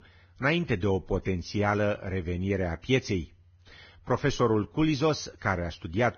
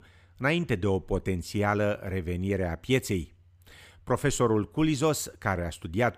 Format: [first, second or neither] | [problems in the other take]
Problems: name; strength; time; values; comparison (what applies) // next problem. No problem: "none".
second | garbled, watery; badly; nothing above 6.5 kHz